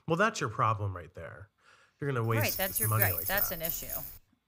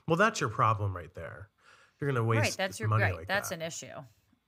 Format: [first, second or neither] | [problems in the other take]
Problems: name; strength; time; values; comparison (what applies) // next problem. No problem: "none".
second | jangling keys; loud; from 2.5 s on; peak 3 dB above the speech